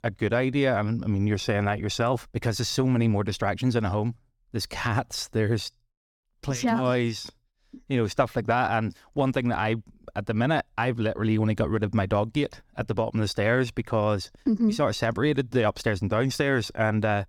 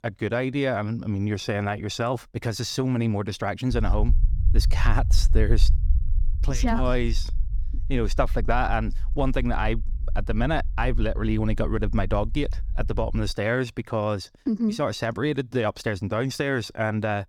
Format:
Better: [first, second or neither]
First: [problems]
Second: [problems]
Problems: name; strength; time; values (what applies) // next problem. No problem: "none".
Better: first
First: none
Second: low rumble; faint; from 3.5 to 13 s; 20 dB below the speech